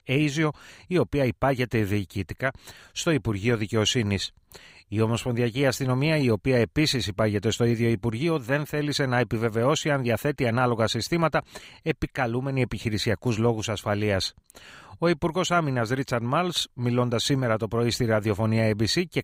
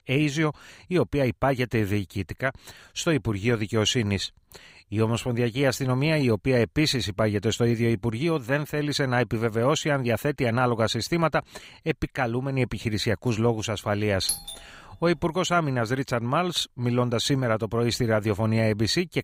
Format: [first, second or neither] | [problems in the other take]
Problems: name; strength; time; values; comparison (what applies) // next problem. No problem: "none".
first | doorbell; noticeable; at 14 s; peak 4 dB below the speech